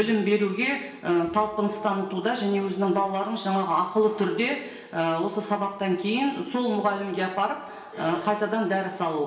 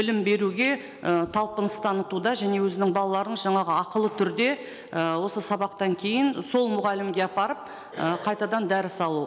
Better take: second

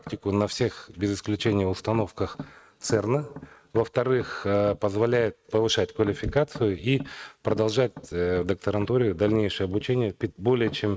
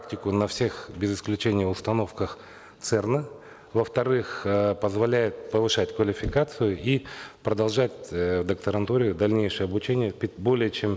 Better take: second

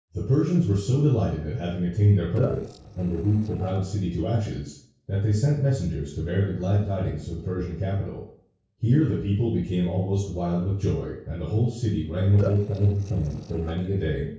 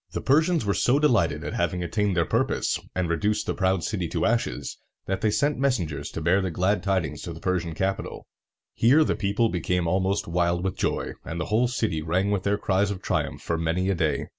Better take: second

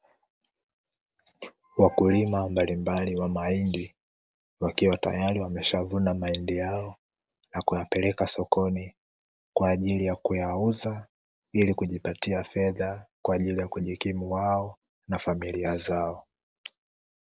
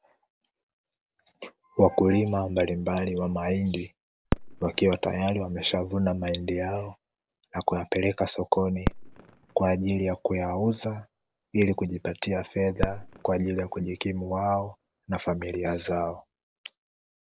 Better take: first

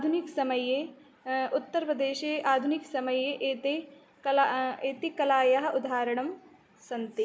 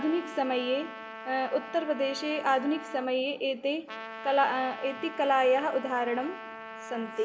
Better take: first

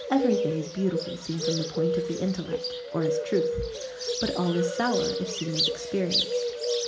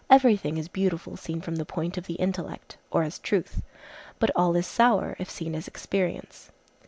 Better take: second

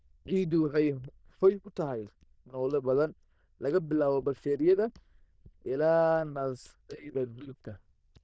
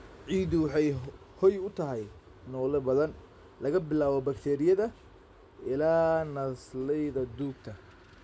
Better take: second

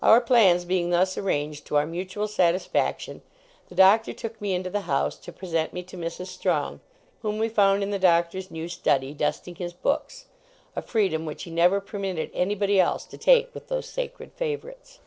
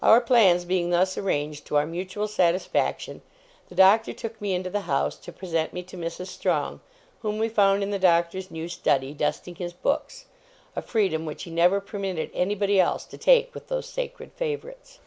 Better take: second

